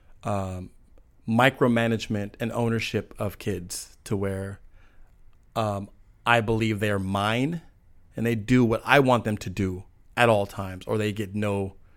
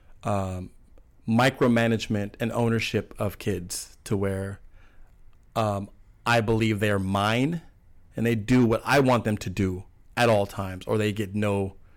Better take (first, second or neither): first